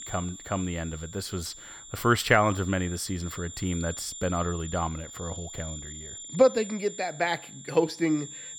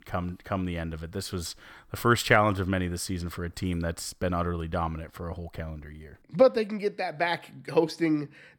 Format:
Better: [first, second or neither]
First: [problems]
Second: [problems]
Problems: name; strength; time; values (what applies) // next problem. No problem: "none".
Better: second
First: high-pitched whine; noticeable; throughout; 7 kHz, 10 dB below the speech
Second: none